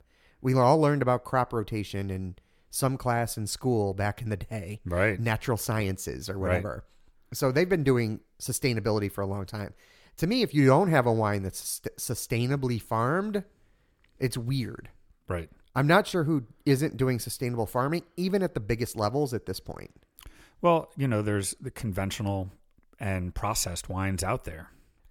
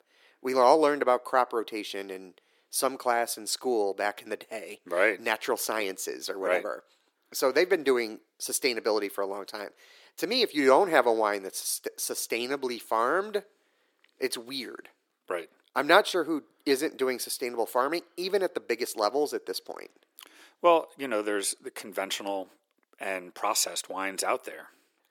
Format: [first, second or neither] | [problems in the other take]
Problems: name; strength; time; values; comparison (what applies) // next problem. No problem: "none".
first | thin; somewhat; fading below 350 Hz